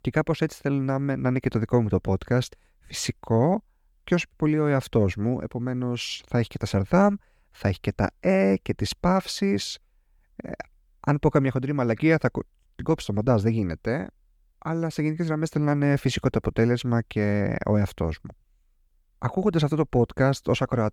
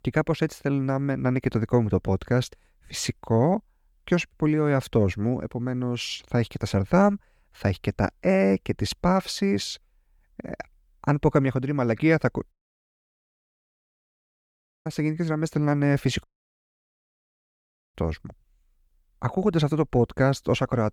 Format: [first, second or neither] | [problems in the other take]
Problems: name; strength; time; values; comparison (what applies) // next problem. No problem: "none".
first | audio cutting out; at 13 s for 2.5 s and at 16 s for 1.5 s